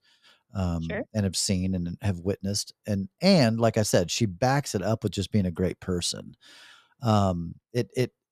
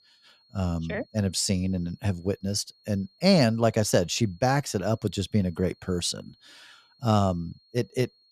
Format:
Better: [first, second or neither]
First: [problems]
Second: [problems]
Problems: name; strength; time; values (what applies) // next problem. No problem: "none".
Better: first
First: none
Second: high-pitched whine; faint; throughout; 4.5 kHz, 35 dB below the speech